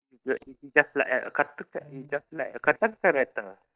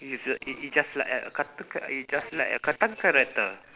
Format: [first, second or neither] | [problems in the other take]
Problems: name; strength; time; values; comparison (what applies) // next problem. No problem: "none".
second | noise reduction (neural mask model DeepFilterNet 3)